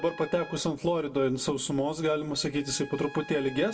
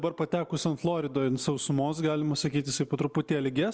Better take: second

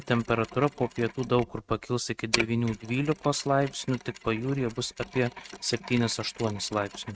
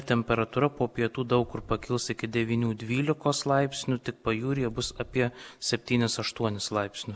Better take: second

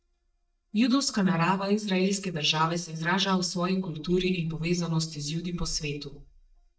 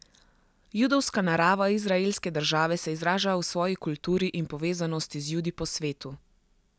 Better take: second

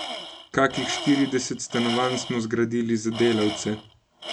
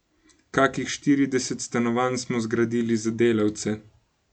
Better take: second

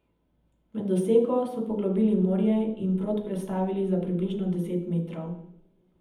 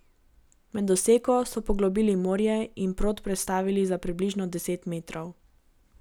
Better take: second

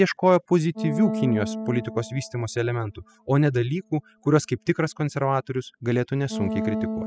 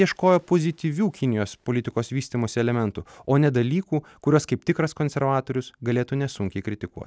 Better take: second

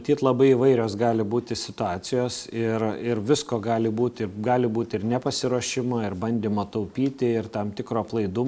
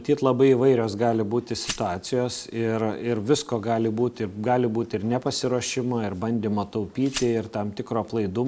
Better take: first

